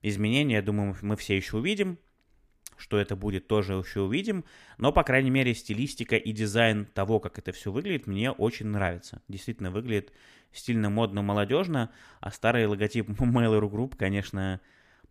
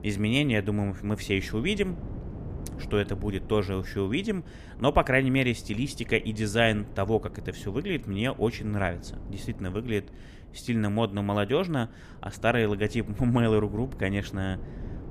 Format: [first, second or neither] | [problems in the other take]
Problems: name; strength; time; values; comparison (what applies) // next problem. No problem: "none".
first | wind noise on the microphone; occasional gusts; 20 dB below the speech